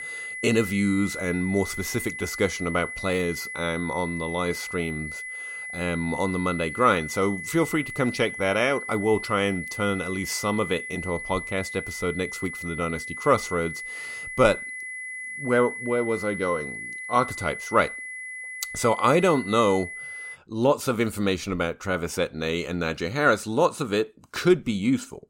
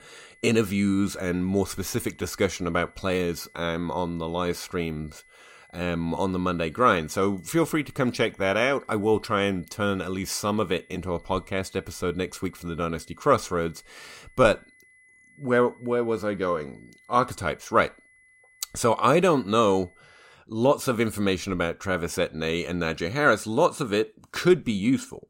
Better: second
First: high-pitched whine; loud; until 20 s; 2 kHz, 8 dB below the speech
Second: high-pitched whine; faint; until 20 s; 2 kHz, 30 dB below the speech

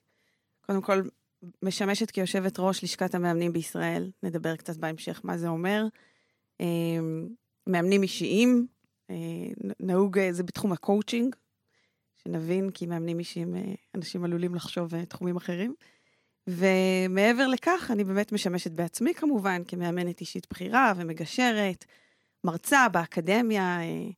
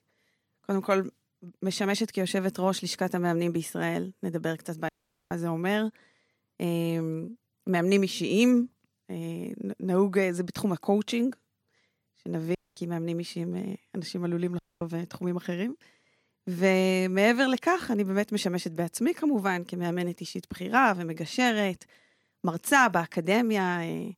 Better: first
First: none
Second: audio cutting out; at 5 s, at 13 s and at 15 s

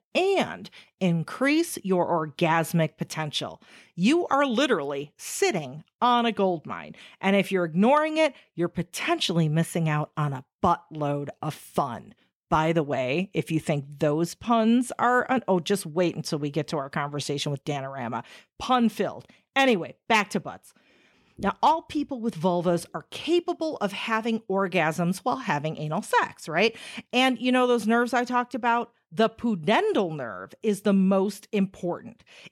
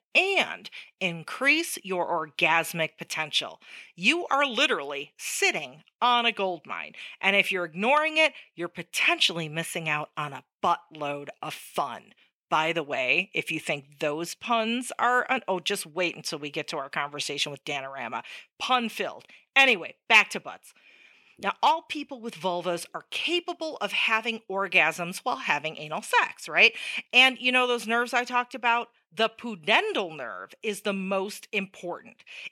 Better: first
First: none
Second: thin; somewhat; fading below 750 Hz

